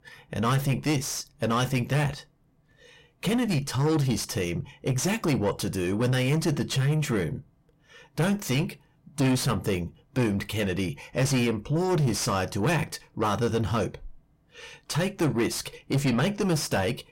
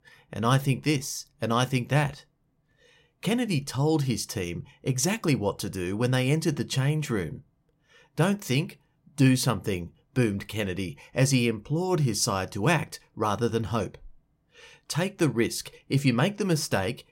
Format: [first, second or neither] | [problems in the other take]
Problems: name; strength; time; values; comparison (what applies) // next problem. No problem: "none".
second | distortion; heavy; 7 dB below the speech